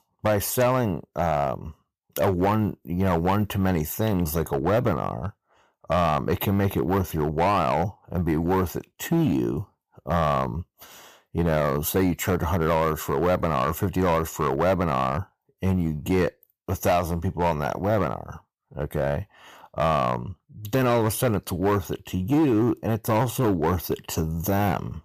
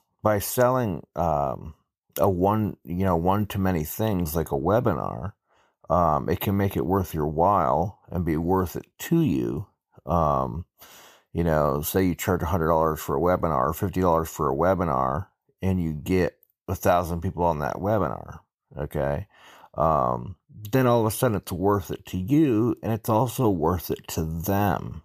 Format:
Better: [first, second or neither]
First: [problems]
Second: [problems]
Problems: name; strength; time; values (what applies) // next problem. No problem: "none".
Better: second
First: distortion; slight; 6% of the sound clipped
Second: none